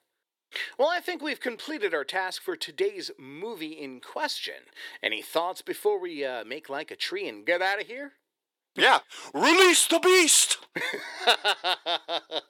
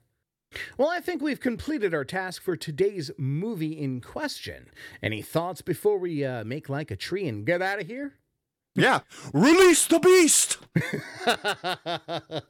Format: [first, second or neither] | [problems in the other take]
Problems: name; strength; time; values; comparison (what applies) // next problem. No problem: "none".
second | thin; somewhat; fading below 400 Hz